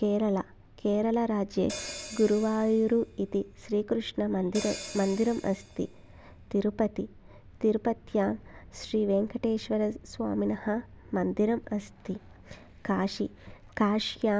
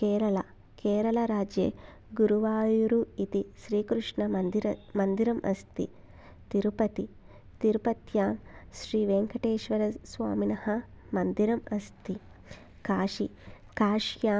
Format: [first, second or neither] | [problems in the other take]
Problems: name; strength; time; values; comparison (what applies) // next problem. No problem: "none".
second | background sound (Hi-hat); 14 dB below the speech